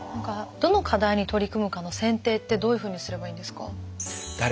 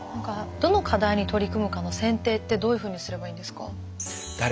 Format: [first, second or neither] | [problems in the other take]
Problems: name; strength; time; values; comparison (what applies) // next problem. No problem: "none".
first | background sound (Bowed string instrument); 10 dB below the speech